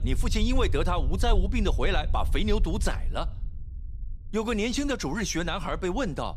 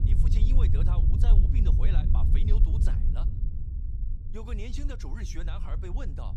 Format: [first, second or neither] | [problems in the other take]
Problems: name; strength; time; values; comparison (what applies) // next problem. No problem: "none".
first | low rumble; loud; throughout; 1 dB below the speech; faint in the first